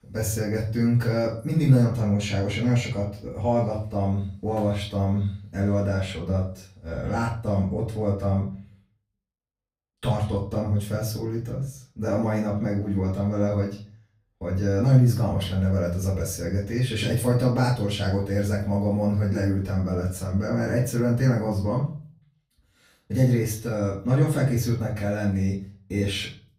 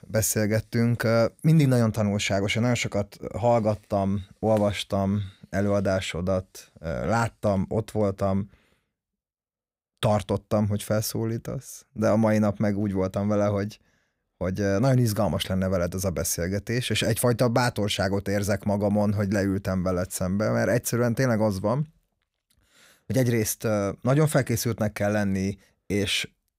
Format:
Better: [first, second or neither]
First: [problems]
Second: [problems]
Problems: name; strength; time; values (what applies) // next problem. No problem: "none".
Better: second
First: off-mic speech; far // room echo; slight; dies away in 0.4 s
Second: none